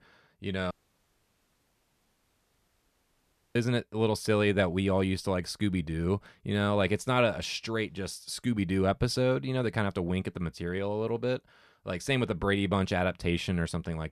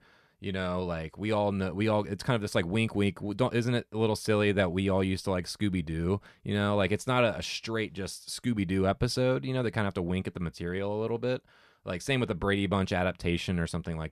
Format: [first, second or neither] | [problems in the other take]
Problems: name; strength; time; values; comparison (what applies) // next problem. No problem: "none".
second | audio cutting out; at 0.5 s for 3 s